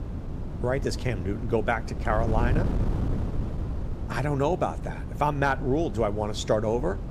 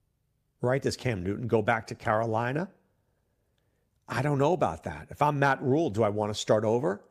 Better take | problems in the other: second | wind noise on the microphone; occasional gusts; 15 dB below the speech

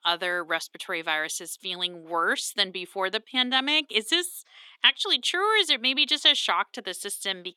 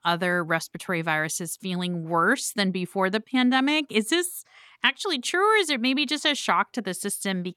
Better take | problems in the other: second | thin; somewhat; fading below 350 Hz

